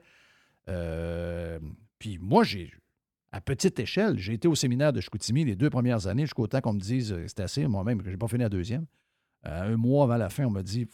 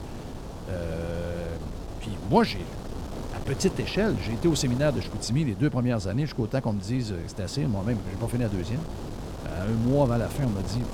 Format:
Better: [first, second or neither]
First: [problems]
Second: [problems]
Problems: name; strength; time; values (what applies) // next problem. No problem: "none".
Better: first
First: none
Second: wind noise on the microphone; occasional gusts; 10 dB below the speech